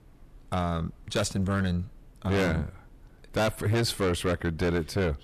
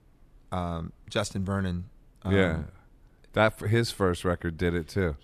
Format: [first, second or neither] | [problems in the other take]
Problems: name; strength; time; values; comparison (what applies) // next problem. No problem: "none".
second | distortion; heavy; 6 dB below the speech